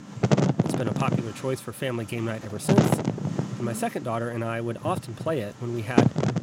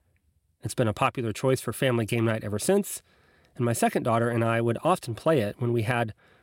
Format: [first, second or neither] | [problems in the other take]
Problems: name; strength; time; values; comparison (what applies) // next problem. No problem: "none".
second | wind noise on the microphone; heavy; 2 dB above the speech